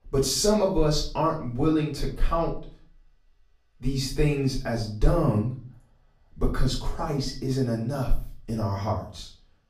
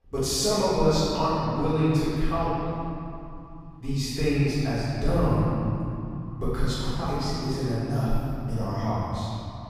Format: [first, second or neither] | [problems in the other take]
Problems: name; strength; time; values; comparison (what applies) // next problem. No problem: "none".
first | room echo; strong; dies away in 2.7 s; slight in the first // off-mic speech; far; far in the first